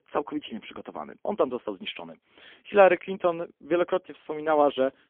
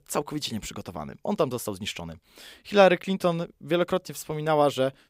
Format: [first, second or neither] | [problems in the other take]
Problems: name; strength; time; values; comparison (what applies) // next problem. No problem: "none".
second | phone-call audio; poor line; nothing above 3.5 kHz